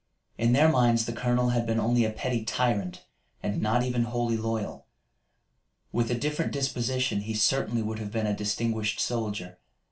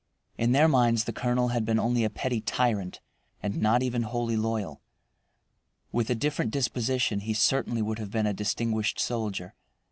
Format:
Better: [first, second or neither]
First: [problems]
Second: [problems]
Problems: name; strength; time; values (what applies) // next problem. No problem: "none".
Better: second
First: room echo; dies away in 0.3 s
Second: none